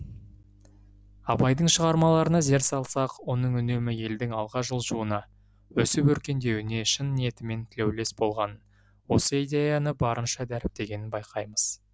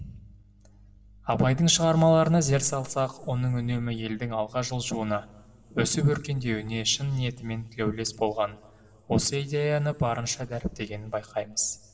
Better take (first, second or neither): first